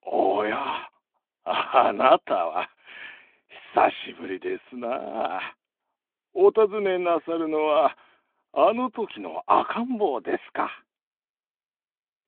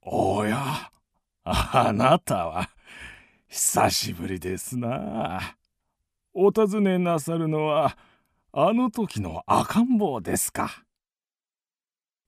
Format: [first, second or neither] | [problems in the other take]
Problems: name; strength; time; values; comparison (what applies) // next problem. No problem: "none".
second | phone-call audio